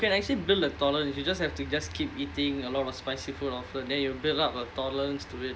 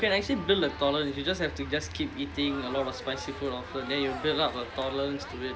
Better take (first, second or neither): first